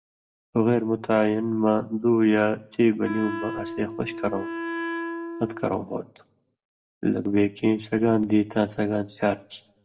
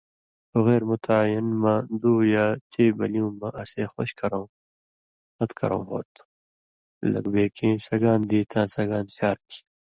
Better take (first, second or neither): second